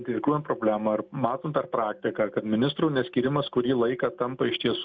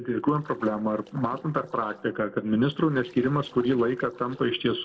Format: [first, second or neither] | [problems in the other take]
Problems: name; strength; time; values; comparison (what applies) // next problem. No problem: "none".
first | noise reduction (neural separator model SepFormer DNS4)